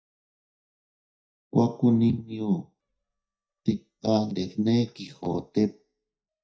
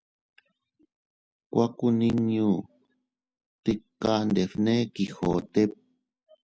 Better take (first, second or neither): second